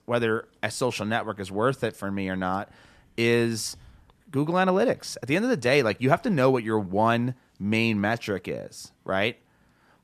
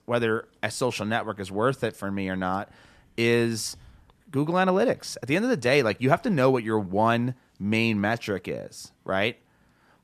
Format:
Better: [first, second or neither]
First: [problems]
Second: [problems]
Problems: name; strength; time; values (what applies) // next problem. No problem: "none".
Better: neither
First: none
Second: none